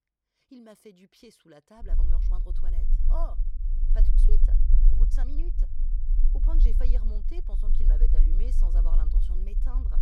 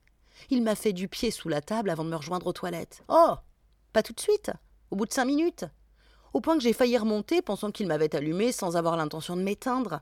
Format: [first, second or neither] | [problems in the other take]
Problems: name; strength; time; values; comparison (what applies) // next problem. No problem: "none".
second | low rumble; loud; from 2 s on; 4 dB below the speech